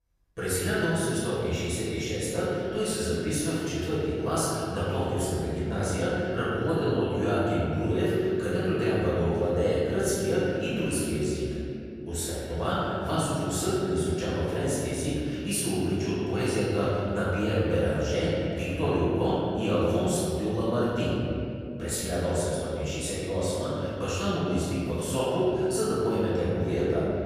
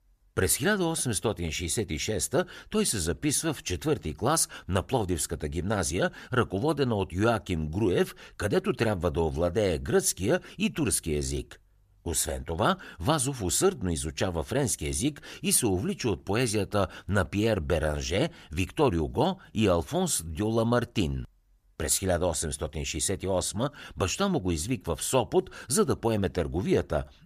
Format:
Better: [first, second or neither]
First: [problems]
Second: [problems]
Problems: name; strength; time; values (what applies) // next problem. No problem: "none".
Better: second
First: off-mic speech; far // room echo; strong; dies away in 2.9 s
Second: none